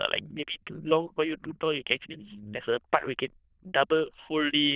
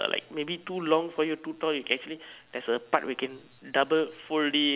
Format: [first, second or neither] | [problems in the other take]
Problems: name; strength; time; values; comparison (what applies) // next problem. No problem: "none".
second | noise reduction (neural diffusion model UNIVERSE++)